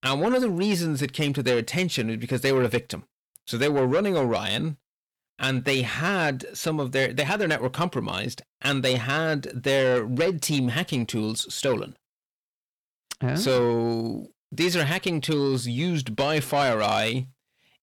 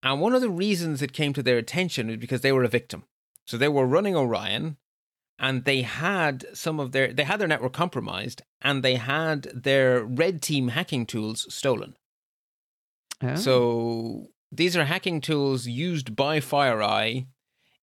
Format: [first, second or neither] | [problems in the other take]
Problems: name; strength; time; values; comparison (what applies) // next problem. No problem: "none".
second | distortion; slight; 10 dB below the speech